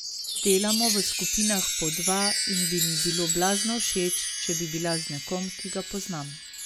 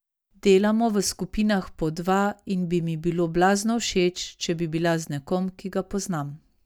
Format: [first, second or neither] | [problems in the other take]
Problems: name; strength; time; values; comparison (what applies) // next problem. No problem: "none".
second | background sound (Chime); 1 dB above the speech